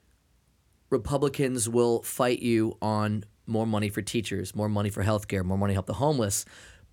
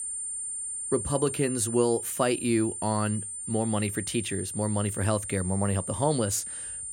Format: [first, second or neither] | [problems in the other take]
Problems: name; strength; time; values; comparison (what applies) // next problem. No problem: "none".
first | high-pitched whine; loud; throughout; 9 kHz, 5 dB below the speech